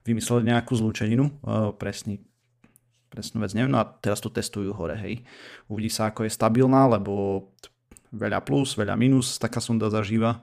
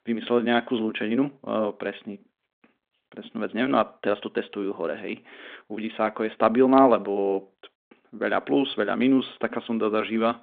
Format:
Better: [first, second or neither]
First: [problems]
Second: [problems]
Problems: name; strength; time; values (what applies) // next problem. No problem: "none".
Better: first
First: none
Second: phone-call audio